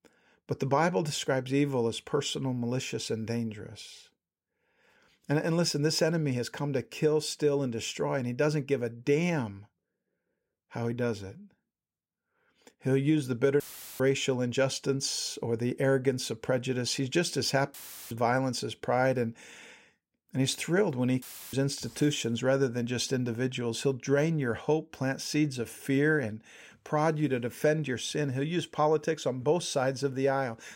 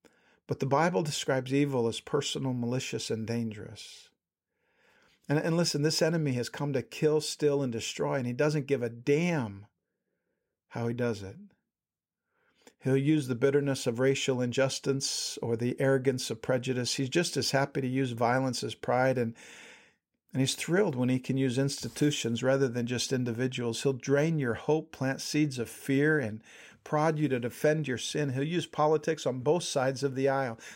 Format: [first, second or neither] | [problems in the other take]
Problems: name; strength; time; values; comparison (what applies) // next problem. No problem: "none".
second | audio cutting out; filled with static; at 14 s, at 18 s and at 21 s